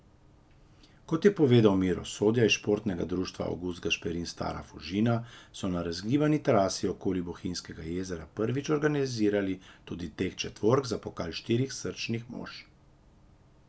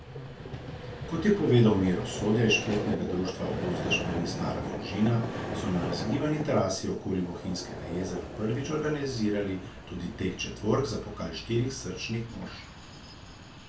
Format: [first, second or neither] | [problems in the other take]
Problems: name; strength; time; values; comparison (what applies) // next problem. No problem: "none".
first | background sound (Vehicle); 7 dB below the speech // room echo; dies away in 0.3 s